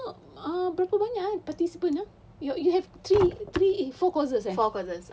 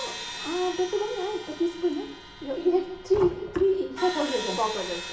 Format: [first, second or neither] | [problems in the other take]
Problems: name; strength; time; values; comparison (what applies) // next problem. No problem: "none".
first | background sound (Crash cymbal); 11 dB below the speech // room echo; dies away in 1 s